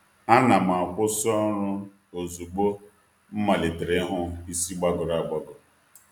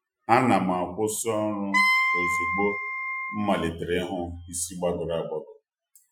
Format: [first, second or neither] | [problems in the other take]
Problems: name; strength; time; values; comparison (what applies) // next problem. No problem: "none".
first | noise reduction (classical method Wiener filter)